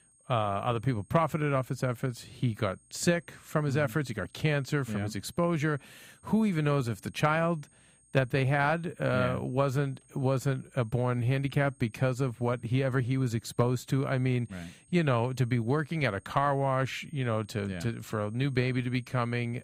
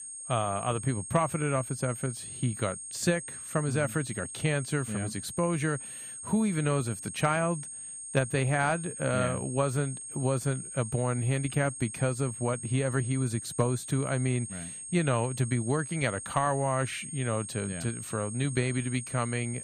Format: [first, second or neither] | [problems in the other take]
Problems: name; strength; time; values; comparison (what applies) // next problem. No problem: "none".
first | high-pitched whine; loud; throughout; 8.5 kHz, 8 dB below the speech; faint in the first